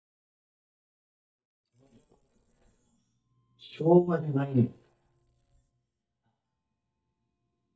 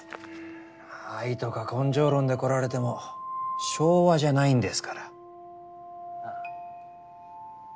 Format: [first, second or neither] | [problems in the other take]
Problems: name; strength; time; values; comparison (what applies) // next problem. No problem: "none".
second | noise reduction (neural mask model DeepFilterNet 3)